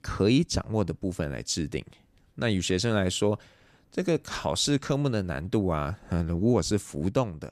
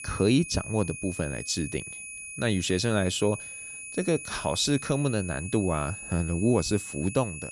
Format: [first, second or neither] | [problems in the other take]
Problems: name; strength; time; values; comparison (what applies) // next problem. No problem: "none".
first | high-pitched whine; loud; throughout; 2.5 kHz, 10 dB below the speech